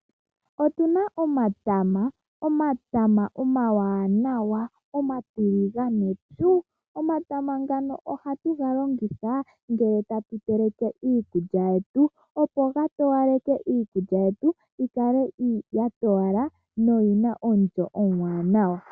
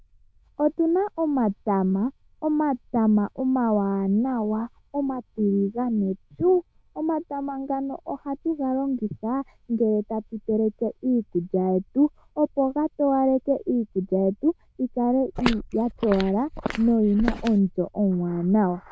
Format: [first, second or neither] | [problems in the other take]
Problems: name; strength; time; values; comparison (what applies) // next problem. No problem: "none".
first | noise reduction (neural diffusion model UNIVERSE++)